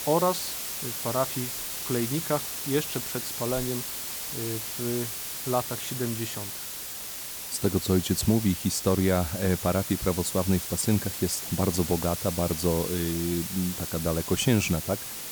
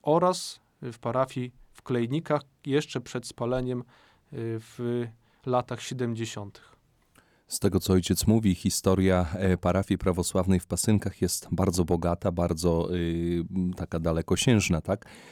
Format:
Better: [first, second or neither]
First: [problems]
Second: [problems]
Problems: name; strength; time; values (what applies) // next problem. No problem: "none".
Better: second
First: hiss; loud; throughout; 4 dB below the speech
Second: none